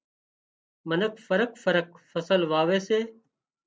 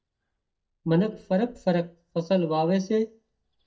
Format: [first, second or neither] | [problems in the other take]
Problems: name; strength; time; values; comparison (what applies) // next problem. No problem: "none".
first | noise reduction (neural mask model DeepFilterNet 3)